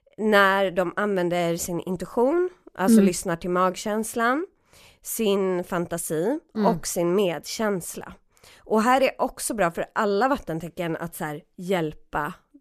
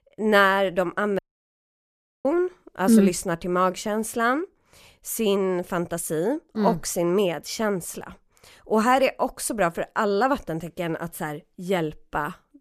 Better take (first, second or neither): first